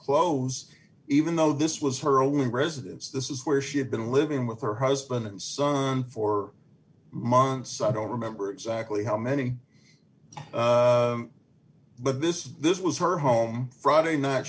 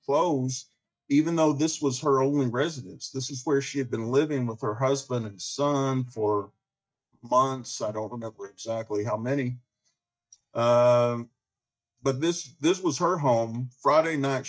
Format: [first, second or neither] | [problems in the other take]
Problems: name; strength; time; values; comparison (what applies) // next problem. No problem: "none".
first | noise reduction (neural mask model DeepFilterNet 3)